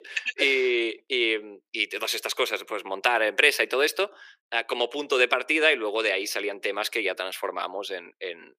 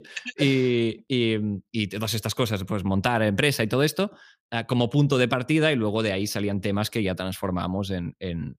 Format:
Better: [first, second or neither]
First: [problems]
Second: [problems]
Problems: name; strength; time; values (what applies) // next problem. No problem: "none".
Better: second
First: thin; very; fading below 350 Hz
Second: none